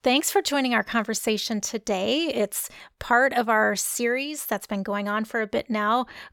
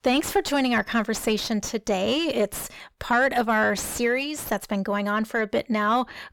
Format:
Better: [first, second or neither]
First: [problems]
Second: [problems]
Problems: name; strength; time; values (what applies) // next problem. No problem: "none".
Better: first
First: none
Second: distortion; slight; 9 dB below the speech